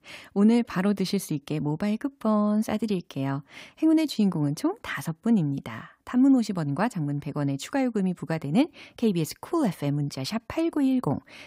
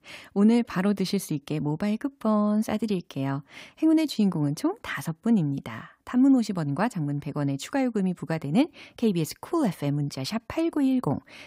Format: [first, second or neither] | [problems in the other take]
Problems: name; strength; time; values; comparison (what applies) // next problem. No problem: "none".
neither | none